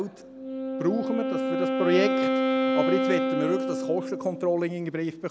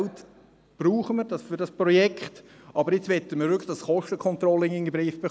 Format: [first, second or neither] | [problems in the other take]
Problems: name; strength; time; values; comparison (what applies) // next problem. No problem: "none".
second | background sound (Wind instrument, woodwind instrument); 1 dB above the speech